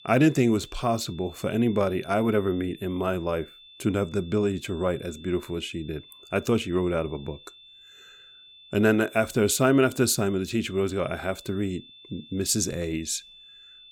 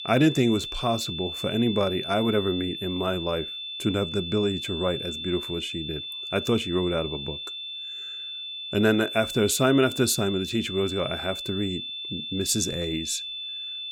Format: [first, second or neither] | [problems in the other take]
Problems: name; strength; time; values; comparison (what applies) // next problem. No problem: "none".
first | high-pitched whine; loud; throughout; 3.5 kHz, 6 dB below the speech; faint in the first